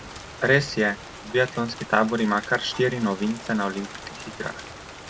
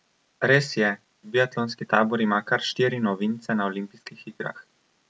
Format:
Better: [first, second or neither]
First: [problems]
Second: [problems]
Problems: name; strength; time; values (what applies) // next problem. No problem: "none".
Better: second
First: background sound (Rain); 14 dB below the speech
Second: none